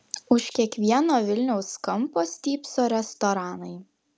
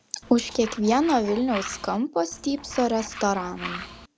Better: first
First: none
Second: background sound (Tools); 13 dB below the speech

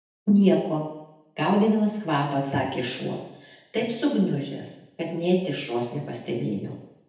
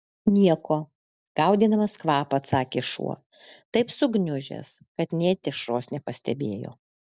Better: second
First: room echo; dies away in 0.9 s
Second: none

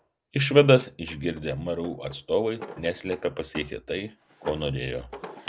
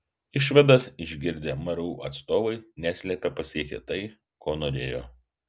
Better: second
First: background sound (Drawer open or close); 17 dB below the speech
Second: none

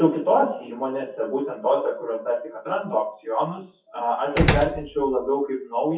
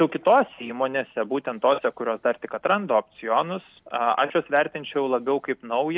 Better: second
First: noise reduction (classical method WPE with log-MMSE)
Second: none

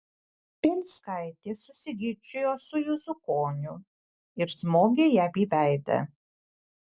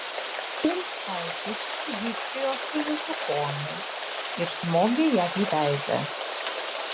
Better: first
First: none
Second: background sound (Rain); 4 dB below the speech

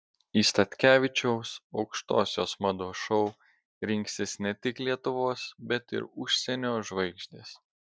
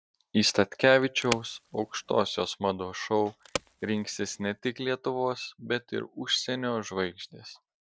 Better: first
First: none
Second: noise reduction (neural mask model RNNoise)

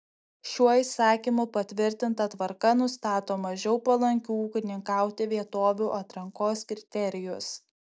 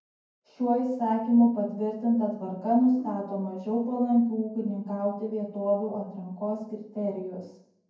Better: first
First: none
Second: background sound (Brass instrument); 19 dB below the speech // room echo; dies away in 0.9 s

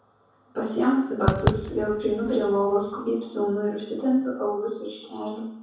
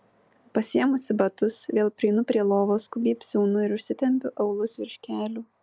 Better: second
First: background sound (Fireworks); 3 dB below the speech // room echo; dies away in 0.7 s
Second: none

